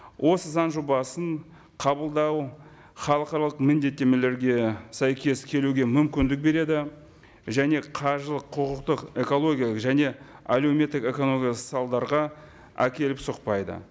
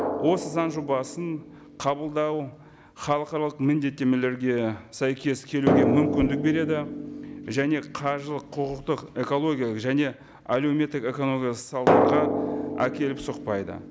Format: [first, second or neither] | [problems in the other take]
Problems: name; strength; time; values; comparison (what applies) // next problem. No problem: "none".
first | background sound (Drum); 3 dB below the speech